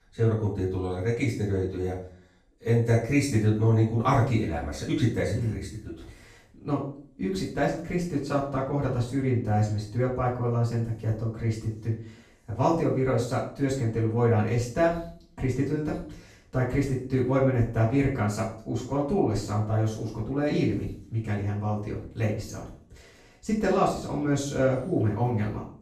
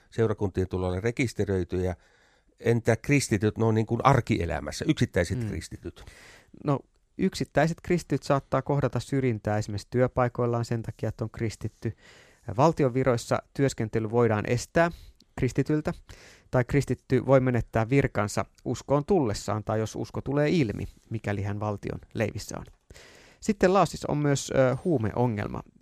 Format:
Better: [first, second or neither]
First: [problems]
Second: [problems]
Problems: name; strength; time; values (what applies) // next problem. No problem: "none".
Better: second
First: off-mic speech; far // room echo; noticeable; dies away in 0.5 s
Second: none